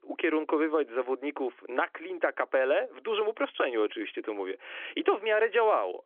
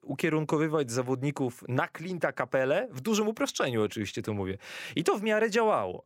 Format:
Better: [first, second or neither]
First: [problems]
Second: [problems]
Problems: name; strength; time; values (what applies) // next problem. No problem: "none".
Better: second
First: phone-call audio; nothing above 3.5 kHz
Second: none